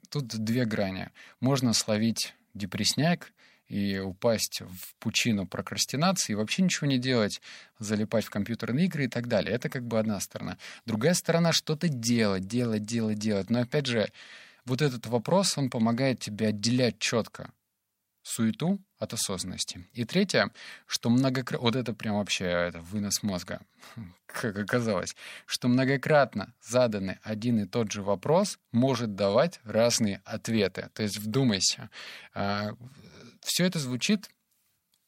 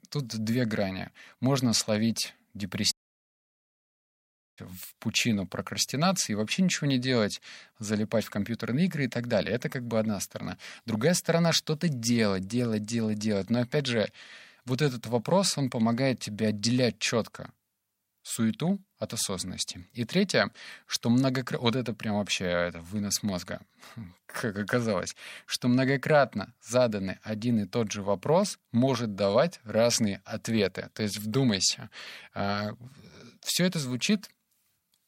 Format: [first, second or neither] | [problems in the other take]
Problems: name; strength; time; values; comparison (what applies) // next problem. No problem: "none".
first | audio cutting out; at 3 s for 1.5 s